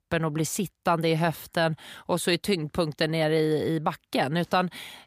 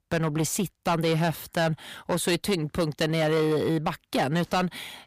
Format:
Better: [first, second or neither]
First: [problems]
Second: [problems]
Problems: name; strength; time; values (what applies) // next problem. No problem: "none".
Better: first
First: none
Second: distortion; slight; 10% of the sound clipped